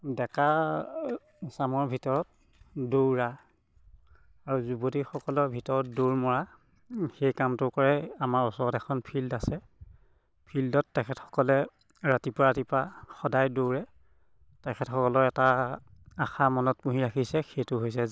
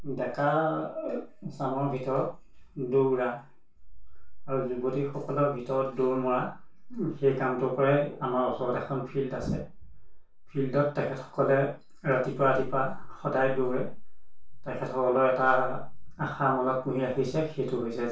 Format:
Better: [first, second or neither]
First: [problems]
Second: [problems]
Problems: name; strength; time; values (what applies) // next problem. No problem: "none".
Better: first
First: none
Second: room echo; dies away in 0.3 s